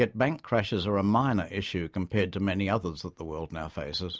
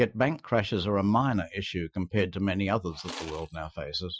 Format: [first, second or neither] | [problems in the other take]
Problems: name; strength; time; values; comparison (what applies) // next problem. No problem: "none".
first | noise reduction (classical method Wiener filter)